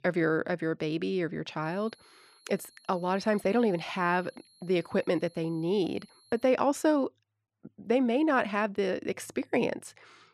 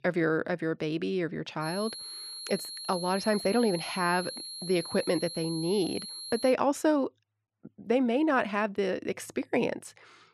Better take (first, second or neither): first